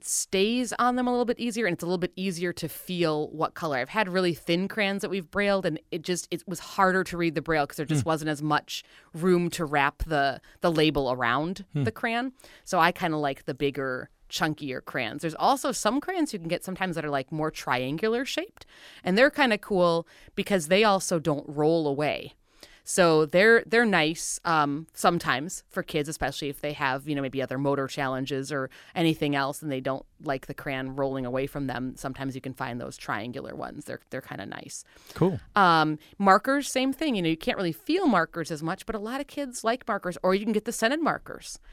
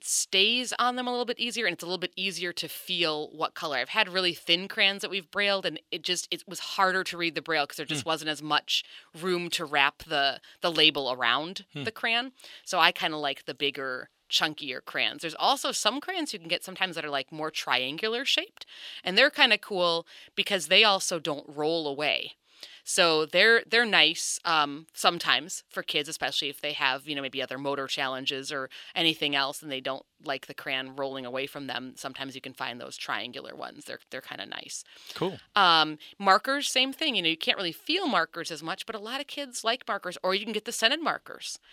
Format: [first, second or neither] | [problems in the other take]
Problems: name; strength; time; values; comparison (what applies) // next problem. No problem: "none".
first | thin; very slightly; fading below 500 Hz